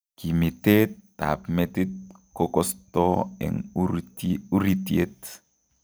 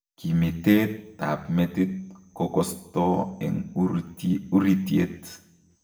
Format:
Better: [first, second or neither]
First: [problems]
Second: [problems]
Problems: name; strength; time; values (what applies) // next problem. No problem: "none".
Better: first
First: none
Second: room echo; dies away in 0.6 s